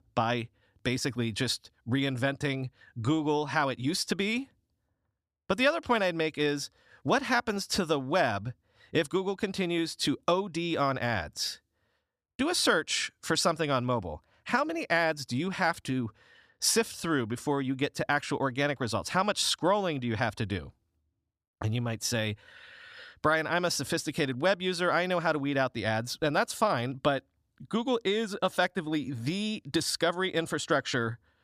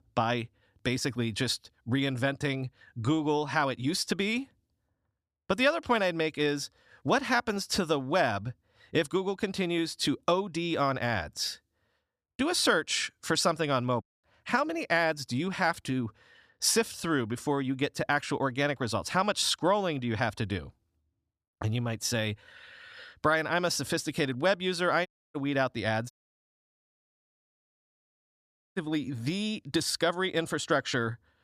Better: first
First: none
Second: audio cutting out; at 14 s, at 25 s and at 26 s for 2.5 s

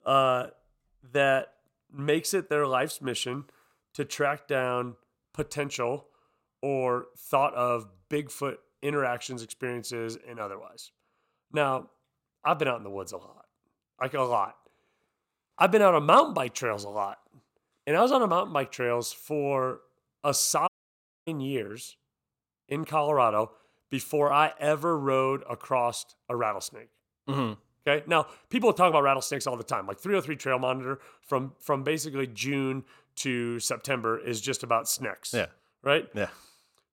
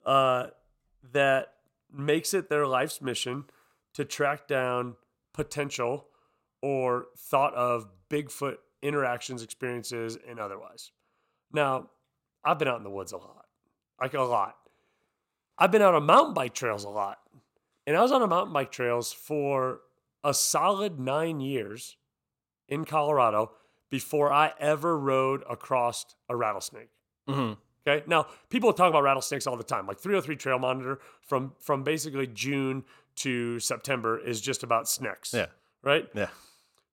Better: second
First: audio cutting out; at 21 s for 0.5 s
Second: none

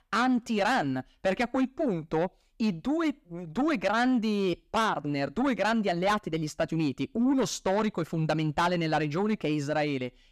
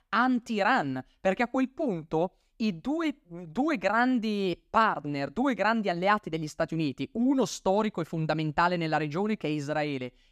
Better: second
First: distortion; slight; 10 dB below the speech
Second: none

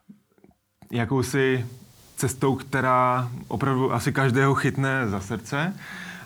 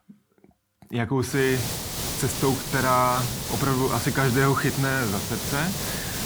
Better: first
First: hiss; faint; from 1.5 s on; 30 dB below the speech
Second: hiss; loud; from 1.5 s on; 4 dB below the speech

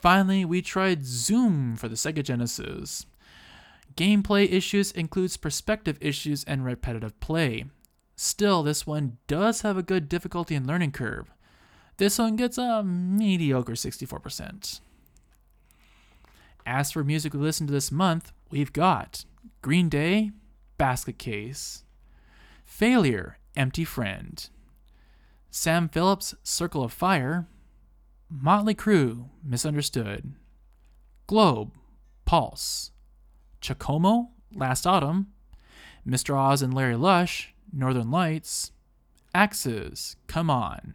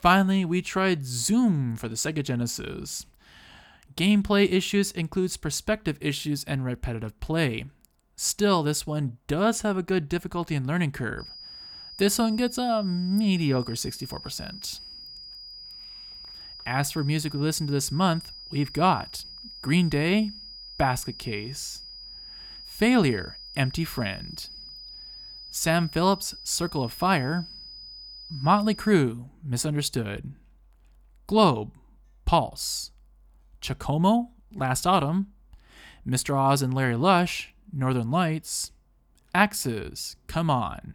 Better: first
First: none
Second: high-pitched whine; noticeable; from 11 to 29 s; 5 kHz, 15 dB below the speech

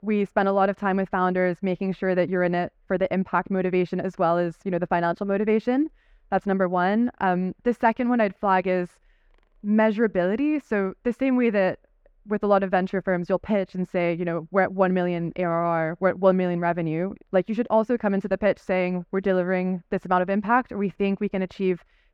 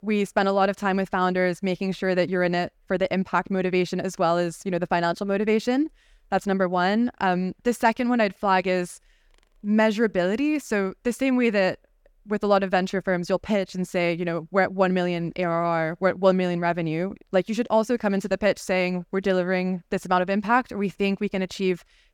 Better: second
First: muffled; slightly; fading above 3.5 kHz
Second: none

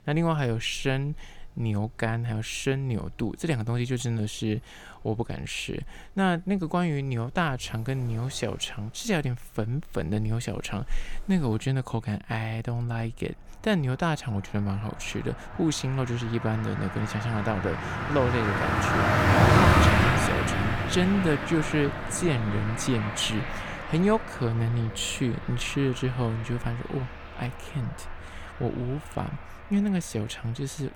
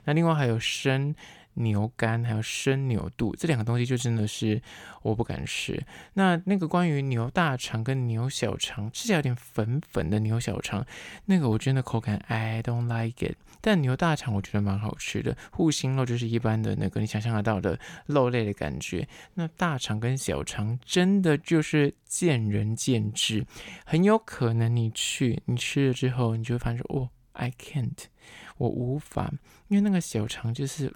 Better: second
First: traffic noise; very loud; throughout; 2 dB above the speech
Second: none

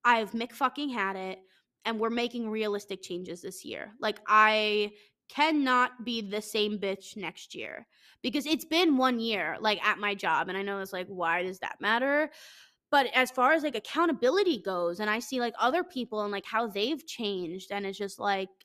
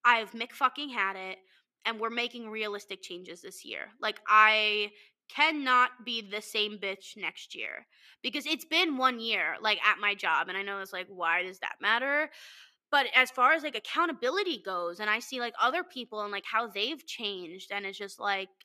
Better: first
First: none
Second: thin; somewhat; fading below 400 Hz

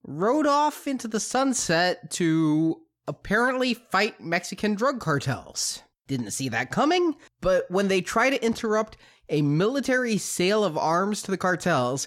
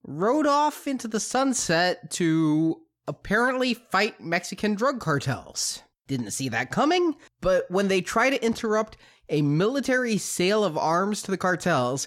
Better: neither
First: none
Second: none

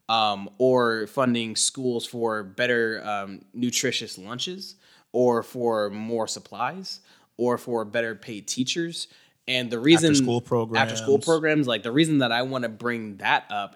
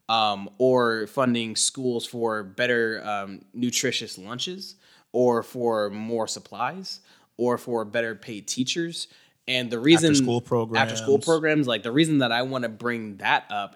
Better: neither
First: none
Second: none

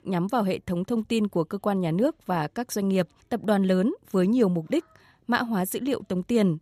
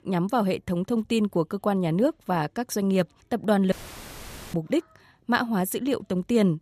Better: first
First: none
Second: audio cutting out; filled with static; at 3.5 s for 1 s

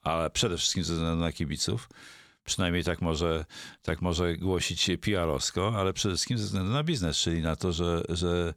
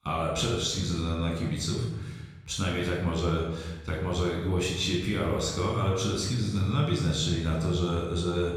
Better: first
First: none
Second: off-mic speech; far // room echo; noticeable; dies away in 1.2 s

